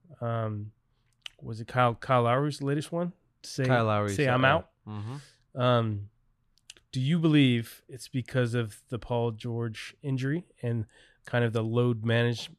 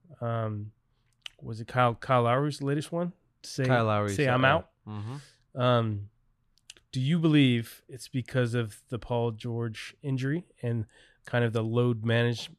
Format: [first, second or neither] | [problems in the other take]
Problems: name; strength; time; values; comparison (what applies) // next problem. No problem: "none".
neither | none